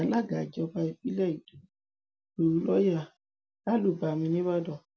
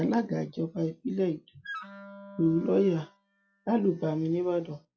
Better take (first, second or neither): first